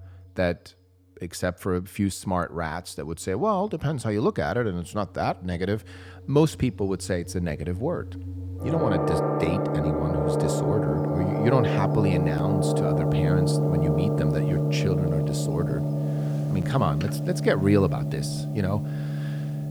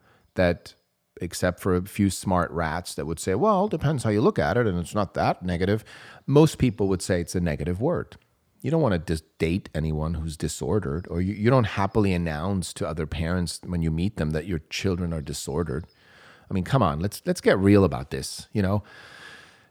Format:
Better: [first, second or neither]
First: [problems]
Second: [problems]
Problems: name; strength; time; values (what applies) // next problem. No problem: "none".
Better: second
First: background music; very loud; throughout; 2 dB above the speech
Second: none